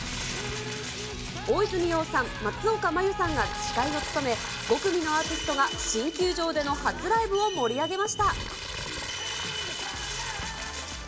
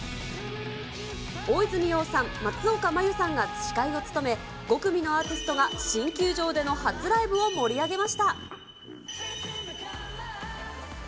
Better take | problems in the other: second | background sound (Crumpling, crinkling); 9 dB below the speech

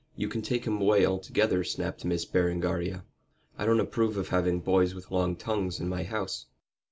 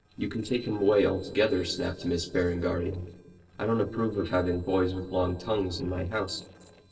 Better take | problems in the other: first | noise reduction (neural separator model SepFormer DNS4)

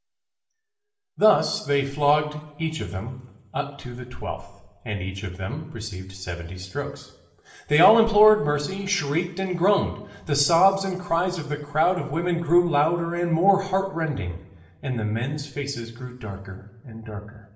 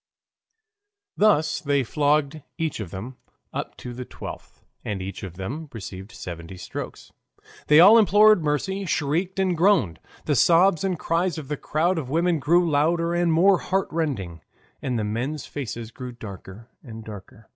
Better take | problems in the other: second | room echo; dies away in 0.7 s

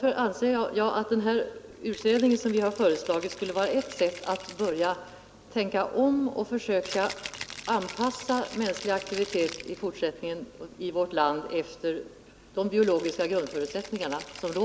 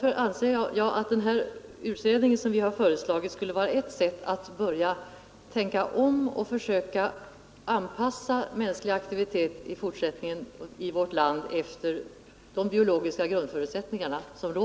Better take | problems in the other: second | background sound (Rattle (instrument)); 17 dB below the speech

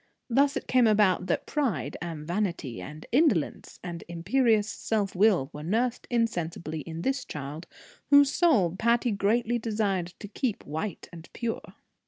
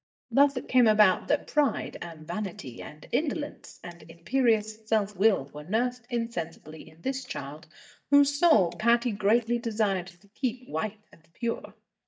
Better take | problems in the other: first | noise reduction (neural mask model DeepFilterNet 3)

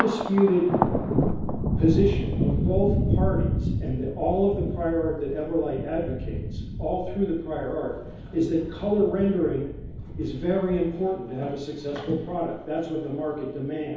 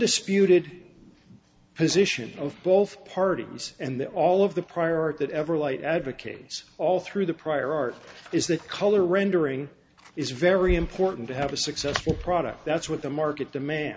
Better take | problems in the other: second | background sound (Thunder); 2 dB below the speech // room echo; dies away in 2.2 s

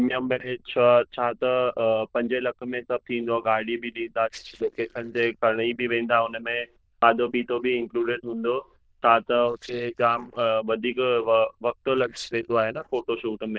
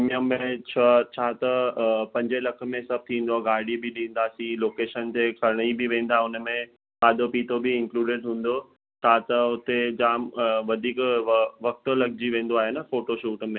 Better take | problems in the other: second | noise reduction (neural diffusion model UNIVERSE++)

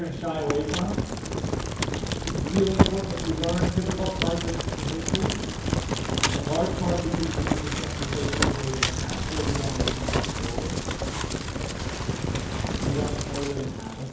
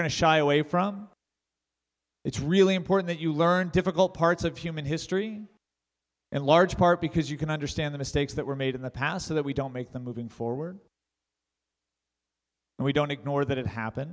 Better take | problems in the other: second | background sound (Fire); 4 dB above the speech // room echo; dies away in 2.2 s

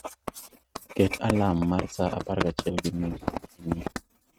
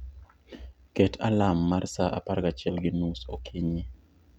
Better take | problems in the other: second | noise reduction (neural mask model RNNoise)

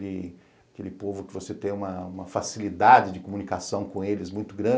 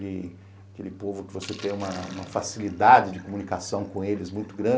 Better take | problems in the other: first | background sound (Organ + Sink (filling or washing)); 18 dB below the speech

